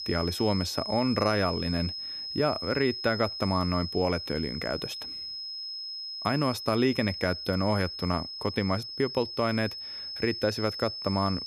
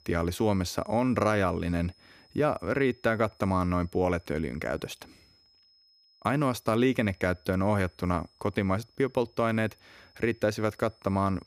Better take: second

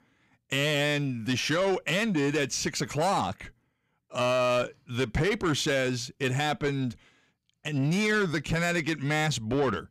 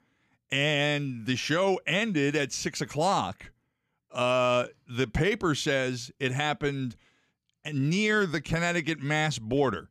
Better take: second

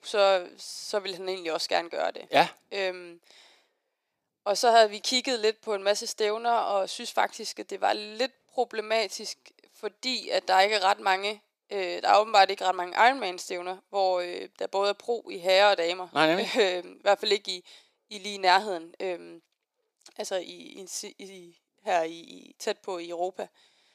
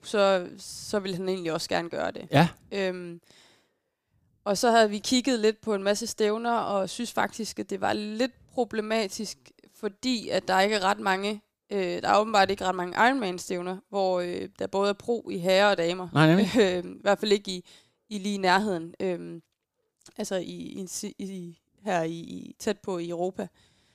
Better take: second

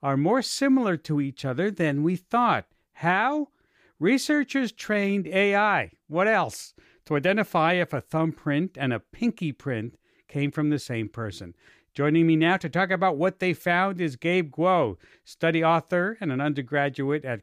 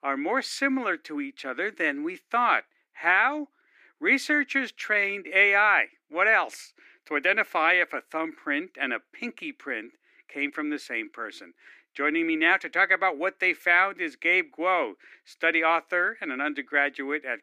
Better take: first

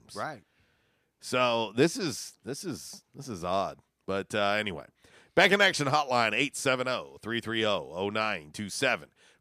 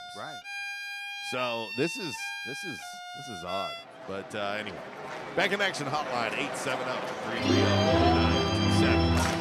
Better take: first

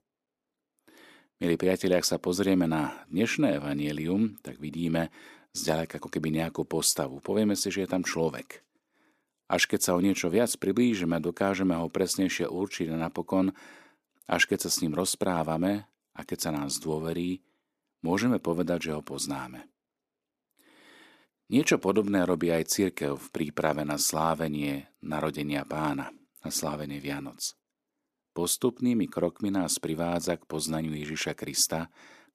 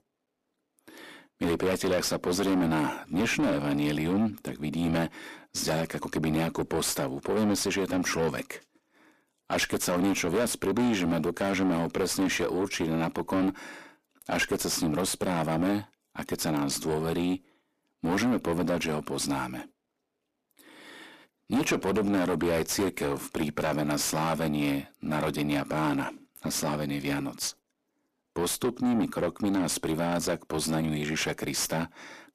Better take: first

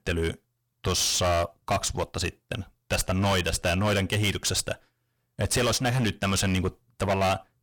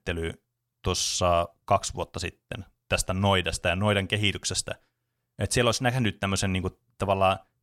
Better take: second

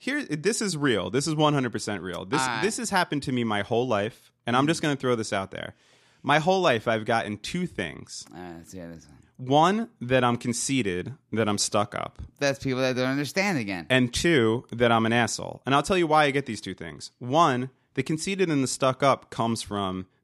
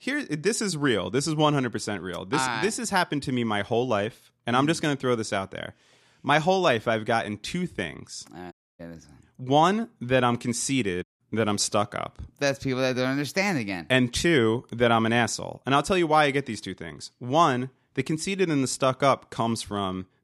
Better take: first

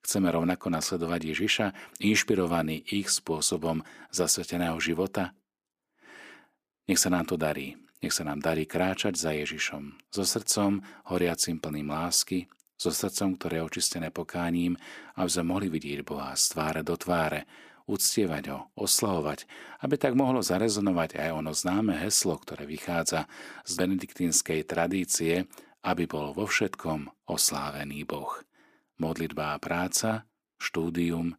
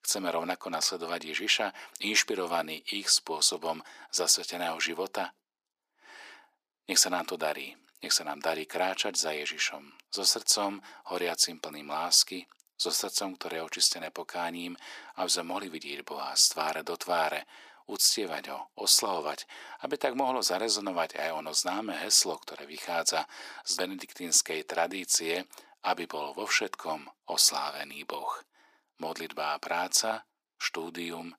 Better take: first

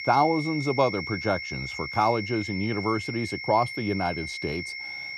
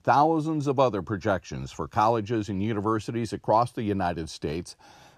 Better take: second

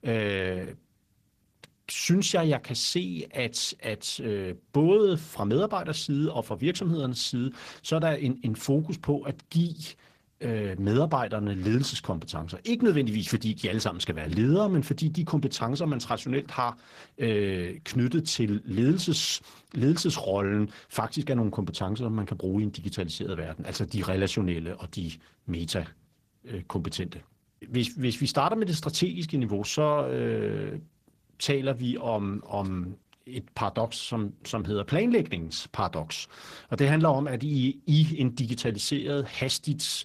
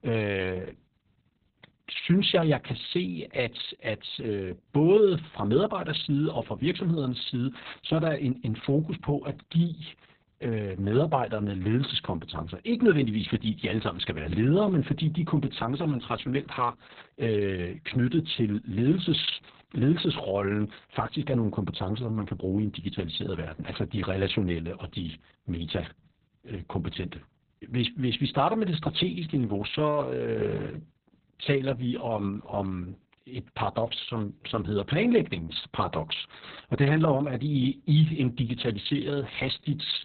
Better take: first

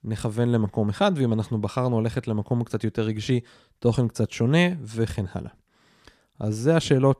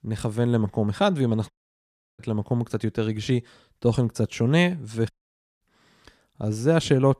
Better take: first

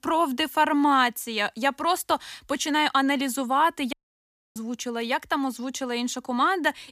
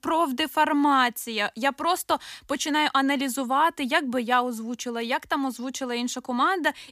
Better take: second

